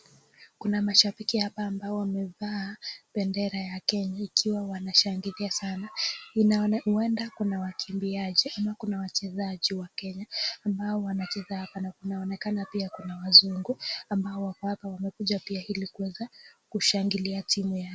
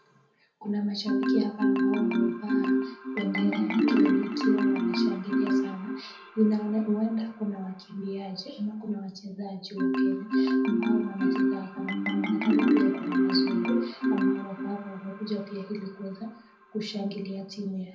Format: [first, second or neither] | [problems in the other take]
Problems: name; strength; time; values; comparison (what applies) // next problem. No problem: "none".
first | background sound (Marimba, xylophone); 5 dB above the speech // room echo; dies away in 0.6 s